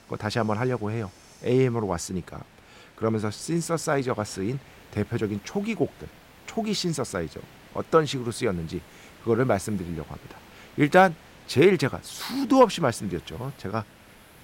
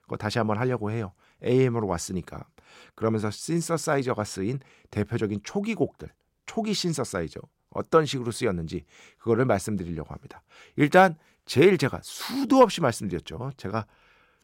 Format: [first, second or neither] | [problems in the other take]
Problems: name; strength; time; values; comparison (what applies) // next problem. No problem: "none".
second | hiss; faint; throughout; 25 dB below the speech